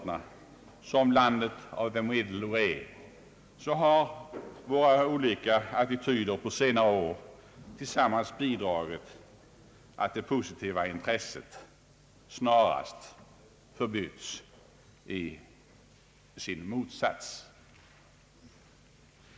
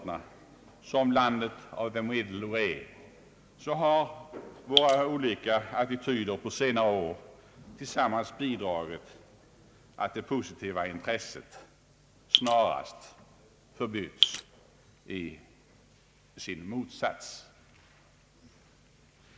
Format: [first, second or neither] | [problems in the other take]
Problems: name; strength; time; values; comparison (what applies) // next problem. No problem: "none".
first | background sound (Drip); 5 dB above the speech